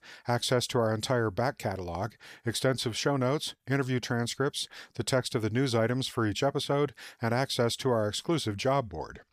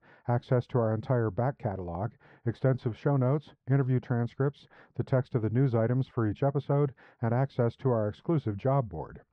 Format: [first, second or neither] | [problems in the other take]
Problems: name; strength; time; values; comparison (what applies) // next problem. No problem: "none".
first | muffled; very; fading above 1 kHz